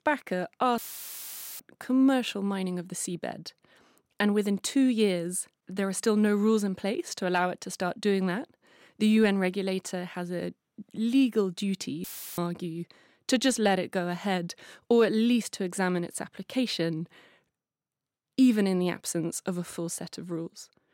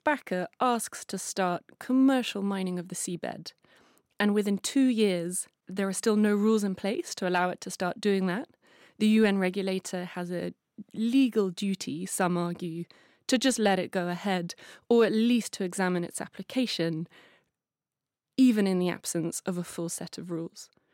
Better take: second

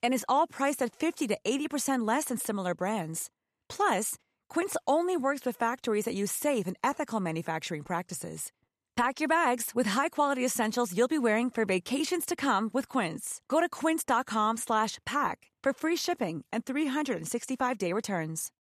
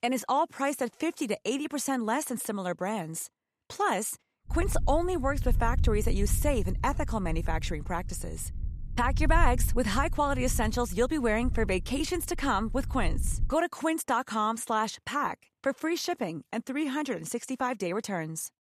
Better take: first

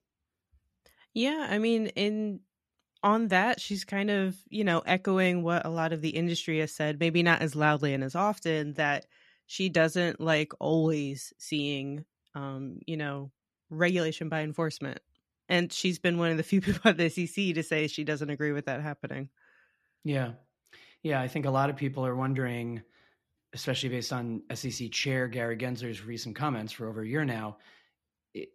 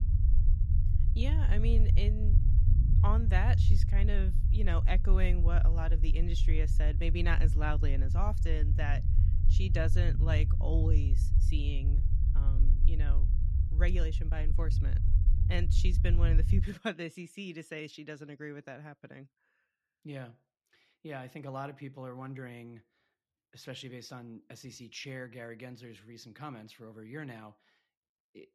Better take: first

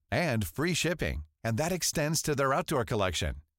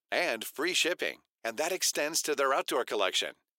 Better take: first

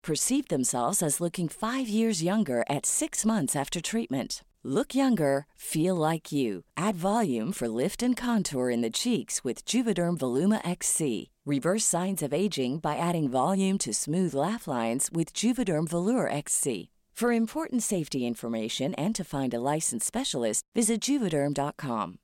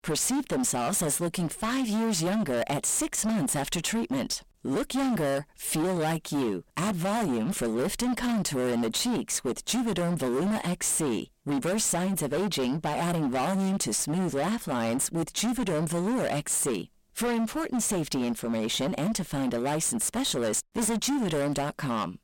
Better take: first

